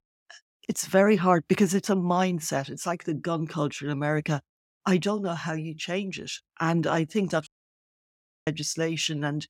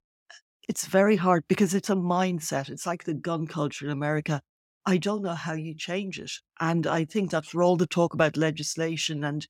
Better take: second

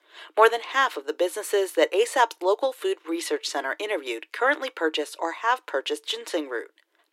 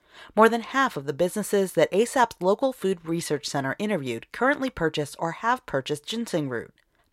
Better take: second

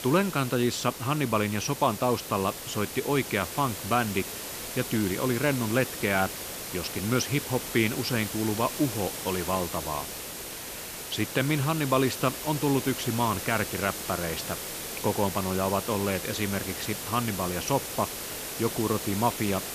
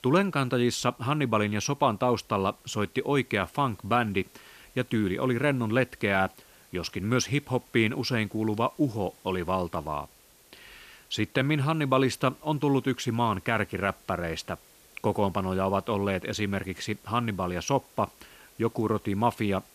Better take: second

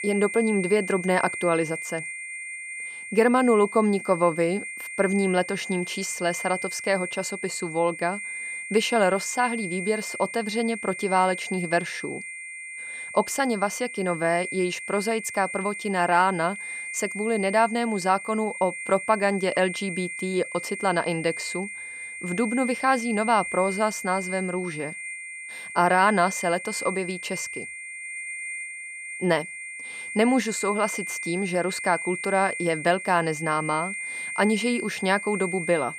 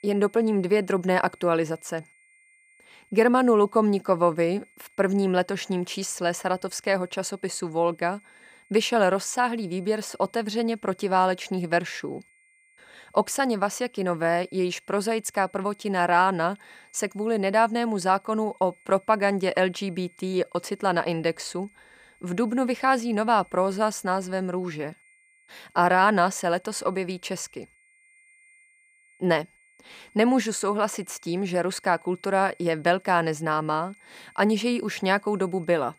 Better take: second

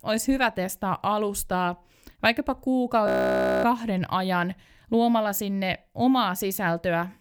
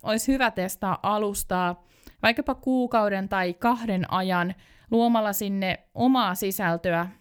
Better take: second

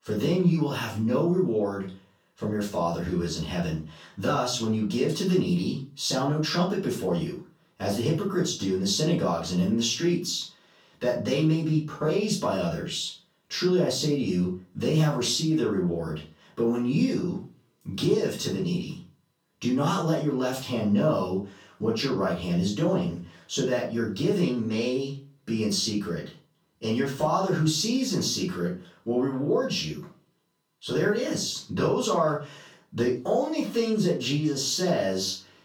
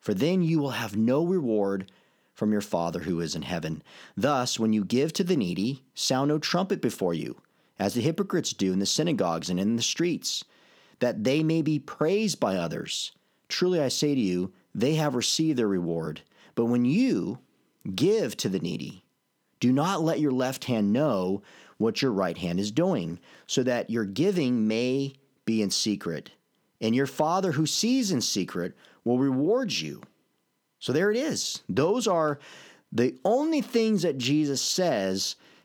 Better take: second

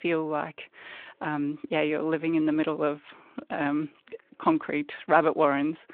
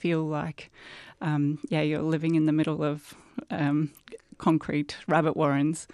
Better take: second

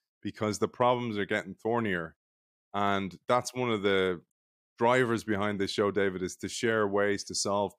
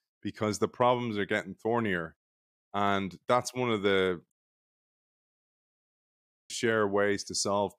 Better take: first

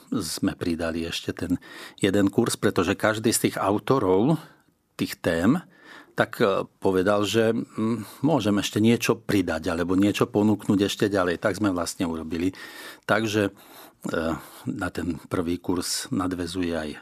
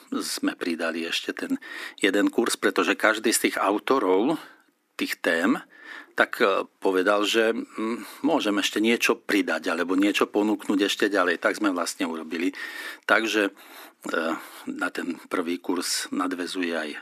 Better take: first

